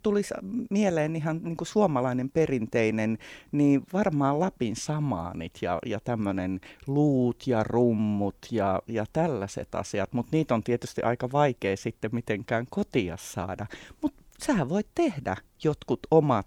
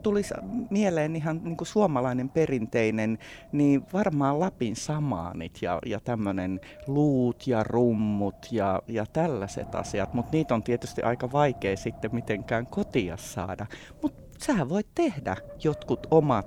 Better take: first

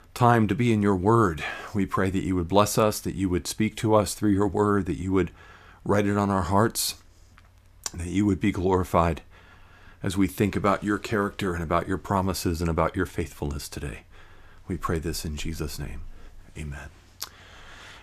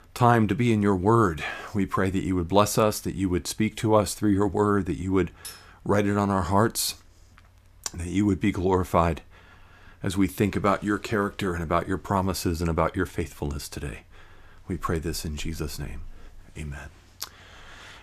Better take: first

